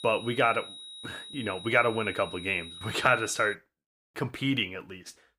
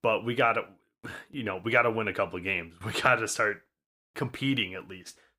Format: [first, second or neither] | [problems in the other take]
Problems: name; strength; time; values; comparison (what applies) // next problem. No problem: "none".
second | high-pitched whine; noticeable; until 3.5 s; 4 kHz, 15 dB below the speech